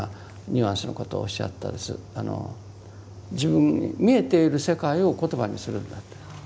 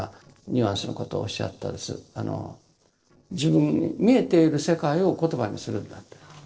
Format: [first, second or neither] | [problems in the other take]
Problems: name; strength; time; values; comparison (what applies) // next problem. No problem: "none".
first | noise reduction (neural separator model SepFormer DNS4)